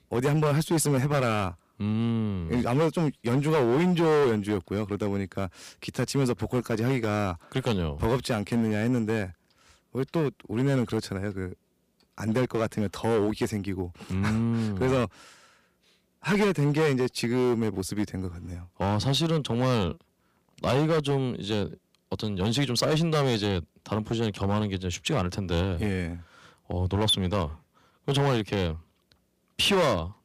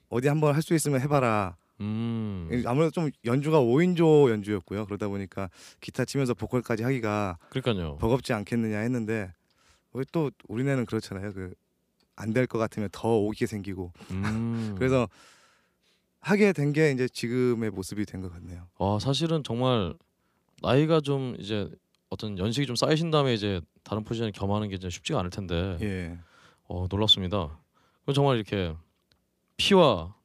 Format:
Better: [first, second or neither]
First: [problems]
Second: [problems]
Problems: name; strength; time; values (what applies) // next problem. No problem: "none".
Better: second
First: distortion; heavy; 9% of the sound clipped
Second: none